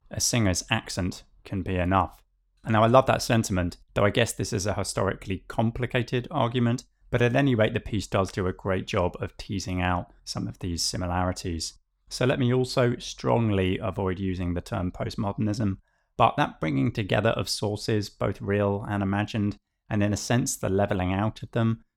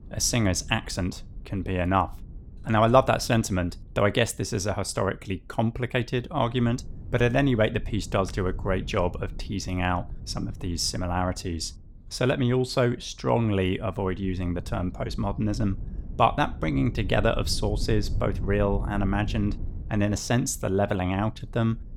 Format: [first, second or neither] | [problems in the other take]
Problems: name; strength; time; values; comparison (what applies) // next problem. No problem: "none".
first | low rumble; faint; throughout; 25 dB below the speech